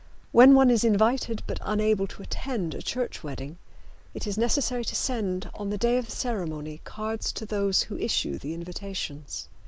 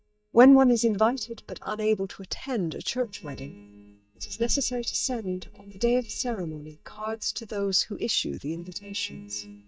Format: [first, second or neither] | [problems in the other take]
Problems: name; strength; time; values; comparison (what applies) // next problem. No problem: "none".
first | noise reduction (neural mask model DeepFilterNet 3)